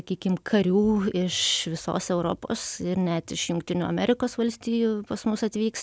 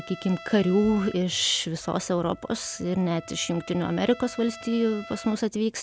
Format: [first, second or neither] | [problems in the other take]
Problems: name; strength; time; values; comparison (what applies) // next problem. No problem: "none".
first | background sound (Trumpet); 19 dB below the speech